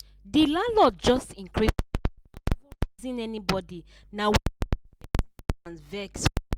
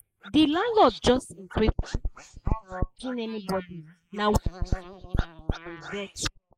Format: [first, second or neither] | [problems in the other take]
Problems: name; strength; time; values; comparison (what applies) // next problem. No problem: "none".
first | noise reduction (neural mask model Resemble Enhance denoiser)